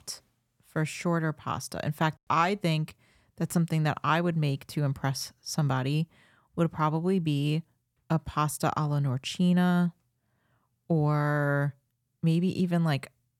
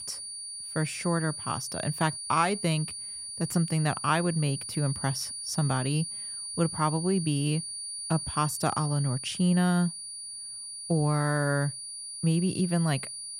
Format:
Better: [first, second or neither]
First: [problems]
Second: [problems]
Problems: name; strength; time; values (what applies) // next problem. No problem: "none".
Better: first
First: none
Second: high-pitched whine; loud; throughout; 9.5 kHz, 7 dB below the speech